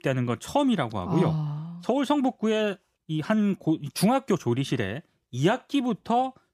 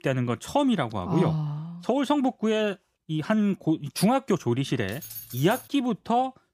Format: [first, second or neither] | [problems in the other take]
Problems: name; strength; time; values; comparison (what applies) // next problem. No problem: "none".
first | jangling keys; faint; at 5 s; peak 10 dB below the speech